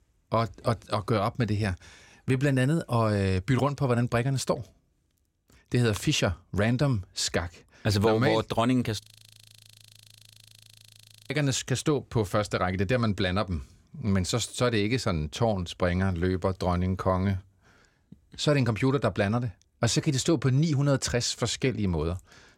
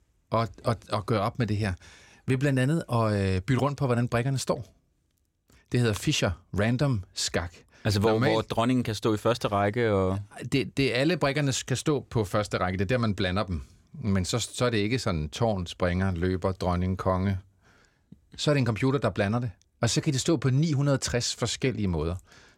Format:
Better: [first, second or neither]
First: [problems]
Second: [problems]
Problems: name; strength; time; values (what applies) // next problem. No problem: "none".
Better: second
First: audio freezing; at 9 s for 2.5 s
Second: none